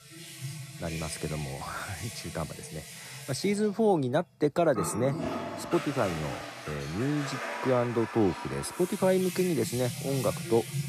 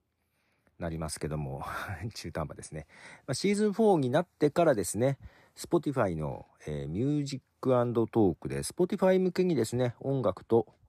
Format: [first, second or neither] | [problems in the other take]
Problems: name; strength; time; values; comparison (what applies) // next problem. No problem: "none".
second | household noises; loud; throughout; 8 dB below the speech